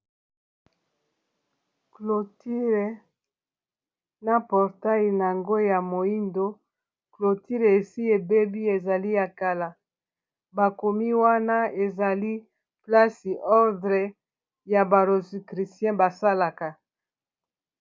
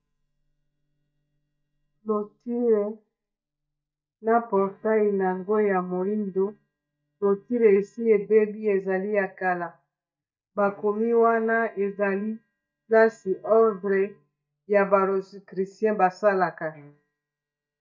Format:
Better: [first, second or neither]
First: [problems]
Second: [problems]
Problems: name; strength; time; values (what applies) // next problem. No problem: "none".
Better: first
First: none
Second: noise reduction (neural mask model DeepFilterNet 3)